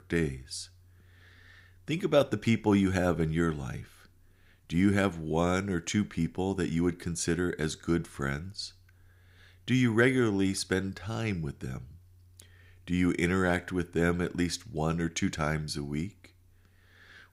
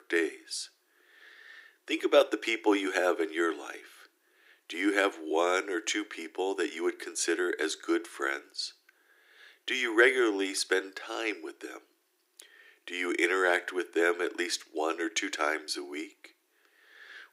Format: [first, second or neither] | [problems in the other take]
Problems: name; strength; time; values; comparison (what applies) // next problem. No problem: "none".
first | thin; very; fading below 300 Hz